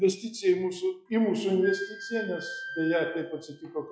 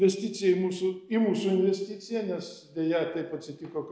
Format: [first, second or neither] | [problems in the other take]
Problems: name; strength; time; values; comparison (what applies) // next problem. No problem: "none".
second | noise reduction (classical method log-MMSE)